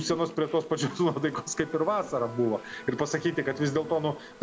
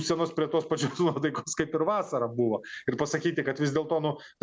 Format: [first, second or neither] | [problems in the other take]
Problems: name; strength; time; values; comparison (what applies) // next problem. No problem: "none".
second | background sound (Insect + Electric guitar); 17 dB below the speech